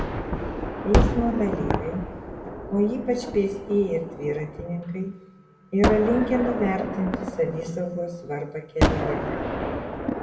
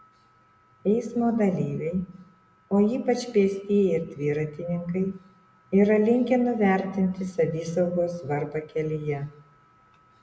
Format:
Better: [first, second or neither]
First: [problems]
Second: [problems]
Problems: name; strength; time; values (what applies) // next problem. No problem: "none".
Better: second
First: background sound (Gunshot, gunfire); 1 dB below the speech // room echo; dies away in 1.6 s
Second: none